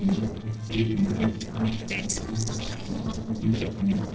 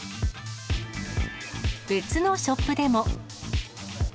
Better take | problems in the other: second | noise reduction (neural separator model SepFormer DNS4)

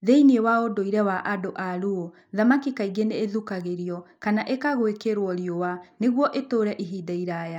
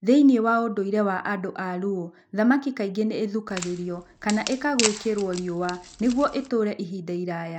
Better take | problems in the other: first | background sound (Wood); 10 dB below the speech

